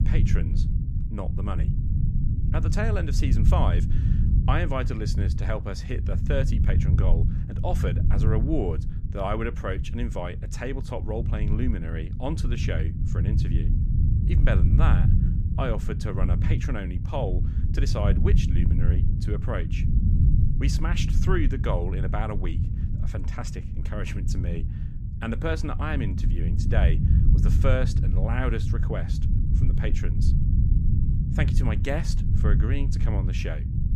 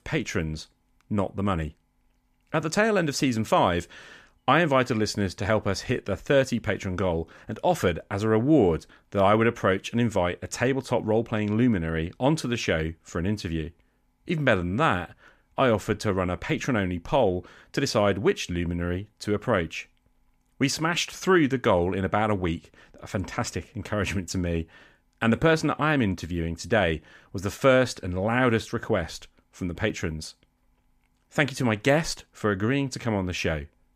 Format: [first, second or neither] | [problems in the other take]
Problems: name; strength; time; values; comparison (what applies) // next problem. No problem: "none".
second | low rumble; loud; throughout; 6 dB below the speech